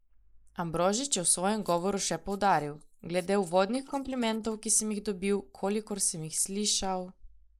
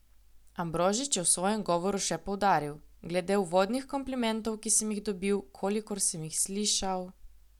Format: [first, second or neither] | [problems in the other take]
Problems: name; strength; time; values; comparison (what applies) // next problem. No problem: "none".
second | noise reduction (neural mask model Resemble Enhance denoiser)